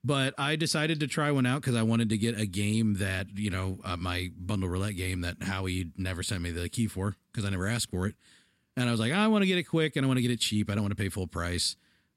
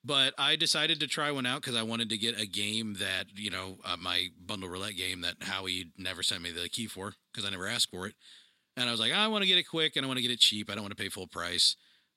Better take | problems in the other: first | thin; somewhat; fading below 600 Hz

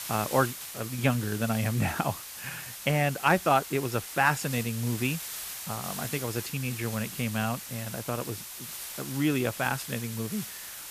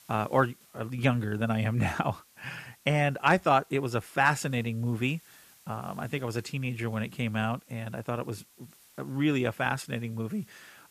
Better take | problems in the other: second | hiss; loud; throughout; 8 dB below the speech; faint in the second

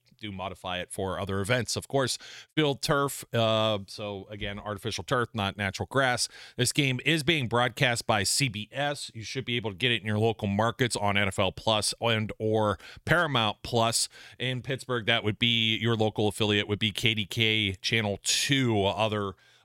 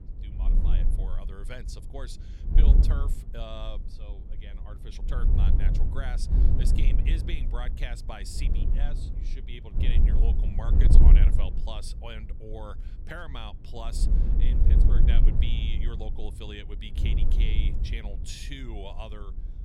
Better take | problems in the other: first | wind noise on the microphone; heavy; 1 dB below the speech

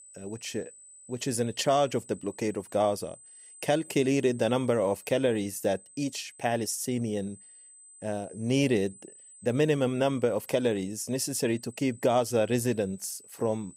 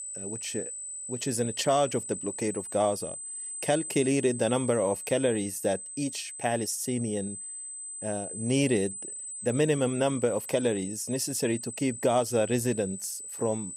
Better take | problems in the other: first | high-pitched whine; loud; throughout; 8 kHz, 8 dB below the speech; faint in the first

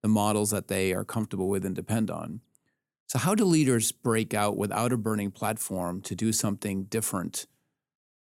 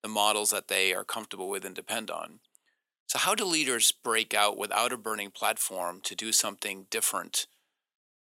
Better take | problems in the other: first | thin; very; fading below 650 Hz

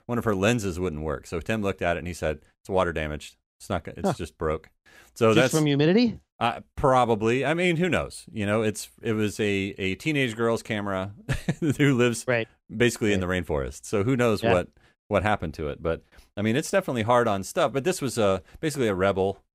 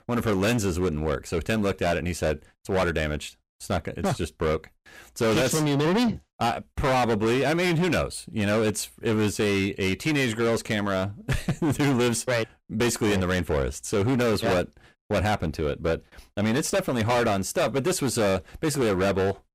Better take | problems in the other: first | distortion; heavy; 19% of the sound clipped

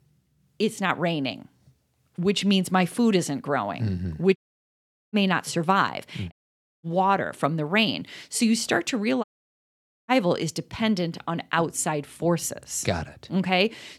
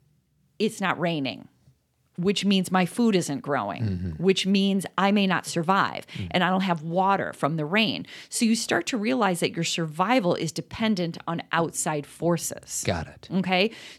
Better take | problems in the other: second | audio cutting out; at 4.5 s for 1 s, at 6.5 s for 0.5 s and at 9 s for 1 s

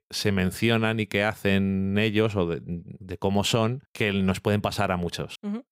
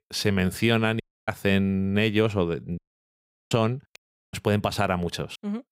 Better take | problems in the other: first | audio cutting out; at 1 s, at 3 s for 0.5 s and at 4 s

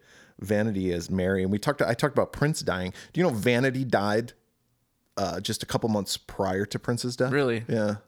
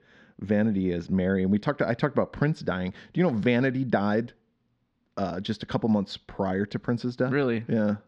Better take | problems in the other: first | muffled; slightly; fading above 3.5 kHz

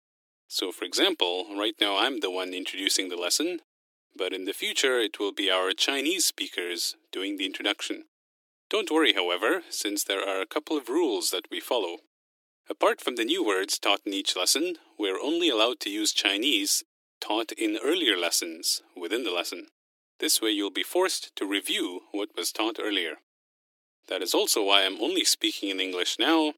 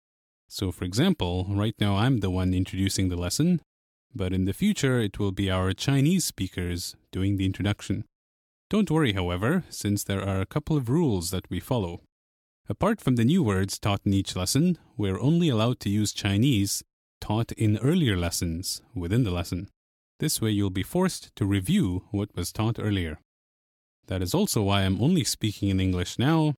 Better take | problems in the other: second | thin; very; fading below 300 Hz

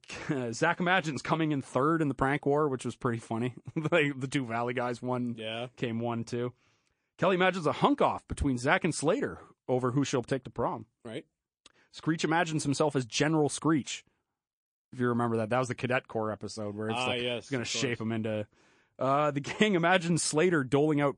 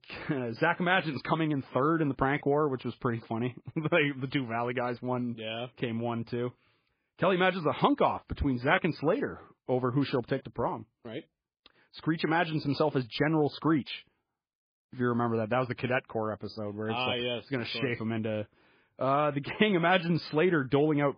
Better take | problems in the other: first | garbled, watery; badly; nothing above 5 kHz; slightly in the first

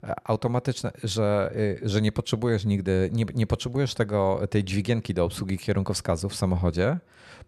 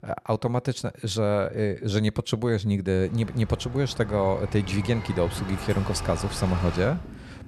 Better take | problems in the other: first | traffic noise; noticeable; from 3 s on; 10 dB below the speech

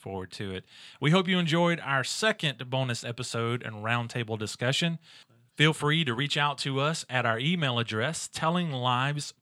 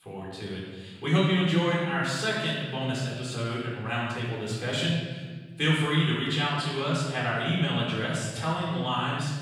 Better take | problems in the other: first | off-mic speech; far // room echo; strong; dies away in 1.5 s

